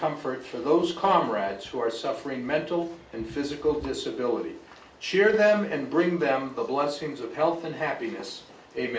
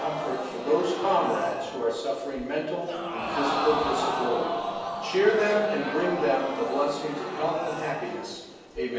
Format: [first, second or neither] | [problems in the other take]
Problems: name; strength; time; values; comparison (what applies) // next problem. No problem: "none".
first | background sound (Crowd); 5 dB below the speech // room echo; dies away in 1 s